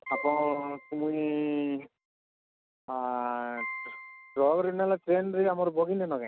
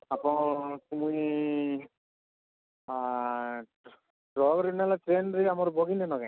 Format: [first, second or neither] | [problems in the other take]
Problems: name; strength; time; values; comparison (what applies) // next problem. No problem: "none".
second | background sound (Piano); 13 dB below the speech